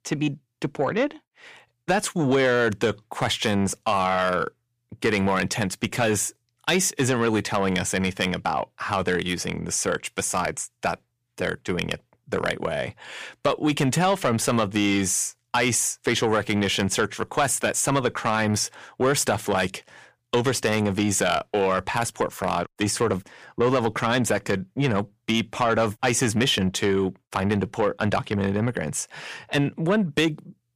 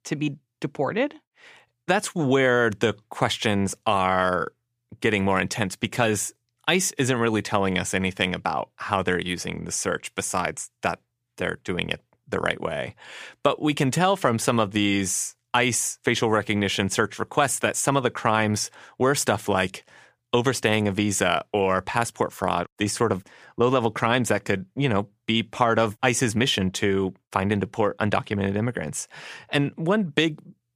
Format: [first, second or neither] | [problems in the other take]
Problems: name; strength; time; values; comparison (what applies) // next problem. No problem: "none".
second | distortion; slight; 10 dB below the speech